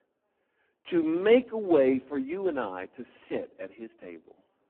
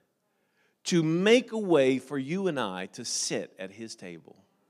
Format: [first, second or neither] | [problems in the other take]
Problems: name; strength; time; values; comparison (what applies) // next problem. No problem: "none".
second | phone-call audio; poor line